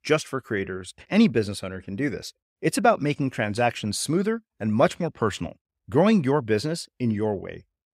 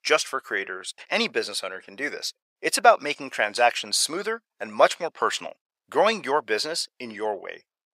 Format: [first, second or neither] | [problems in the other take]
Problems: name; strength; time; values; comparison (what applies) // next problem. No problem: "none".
first | thin; very; fading below 750 Hz